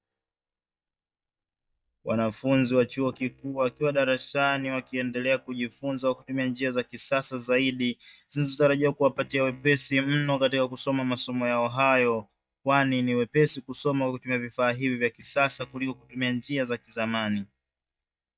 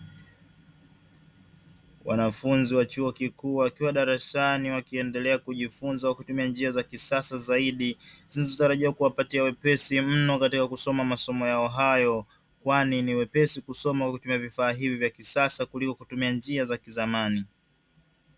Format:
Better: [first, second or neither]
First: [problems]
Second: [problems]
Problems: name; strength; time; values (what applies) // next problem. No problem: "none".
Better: second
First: noise reduction (neural mask model DeepFilterNet 3)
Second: none